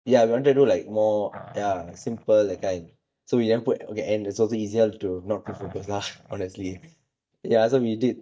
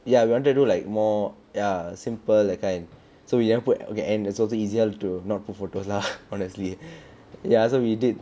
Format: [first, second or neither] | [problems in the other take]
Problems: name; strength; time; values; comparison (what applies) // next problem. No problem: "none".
second | noise reduction (neural mask model DeepFilterNet 3)